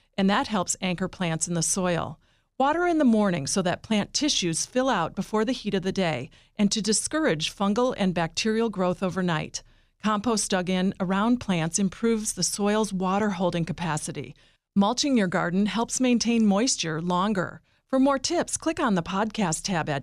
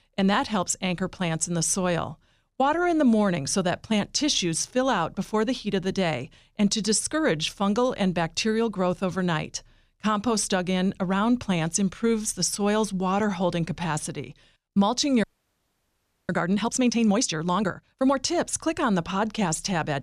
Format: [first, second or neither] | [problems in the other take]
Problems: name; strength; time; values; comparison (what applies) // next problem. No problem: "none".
first | audio freezing; at 15 s for 1 s